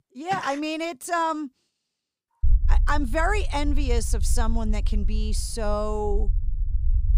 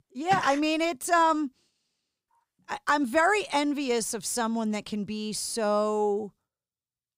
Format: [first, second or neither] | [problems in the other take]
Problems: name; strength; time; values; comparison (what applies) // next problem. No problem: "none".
second | low rumble; faint; from 2.5 s on; 20 dB below the speech